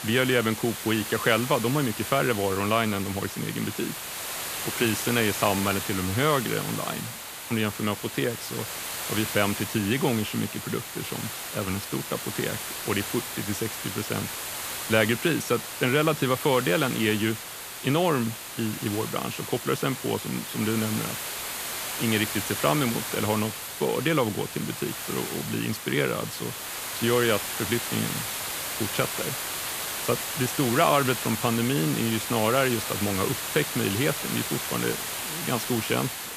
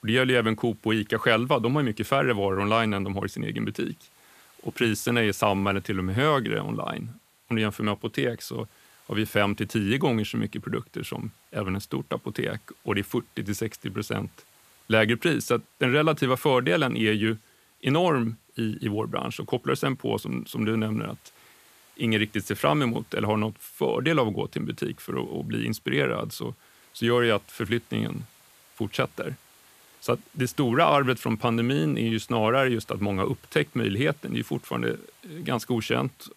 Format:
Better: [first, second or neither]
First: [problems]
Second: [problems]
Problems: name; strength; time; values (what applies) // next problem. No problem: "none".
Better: second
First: hiss; loud; throughout; 4 dB below the speech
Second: hiss; faint; throughout; 30 dB below the speech